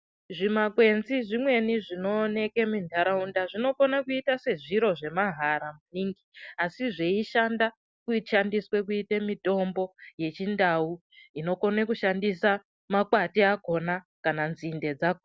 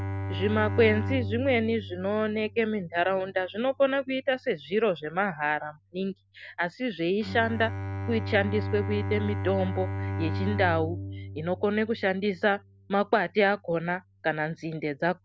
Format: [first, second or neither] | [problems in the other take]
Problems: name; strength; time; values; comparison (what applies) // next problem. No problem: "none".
first | background sound (Bowed string instrument); 7 dB below the speech